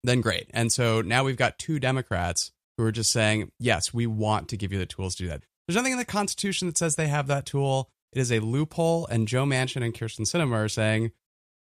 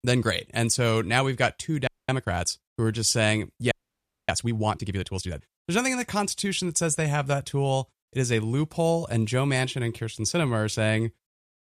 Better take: first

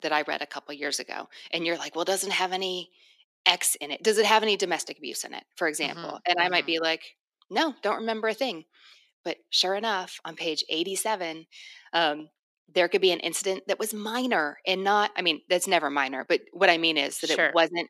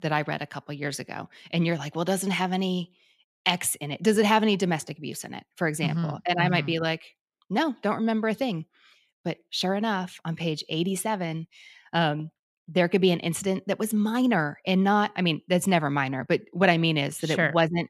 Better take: second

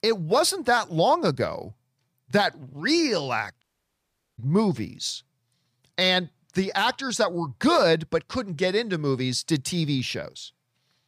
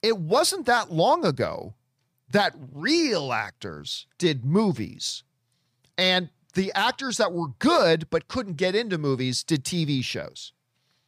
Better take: second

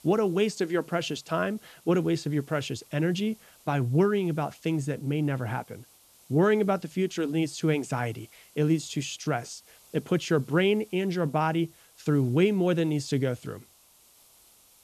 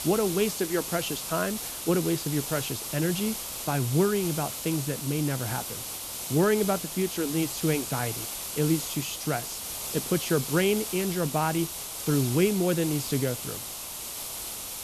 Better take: first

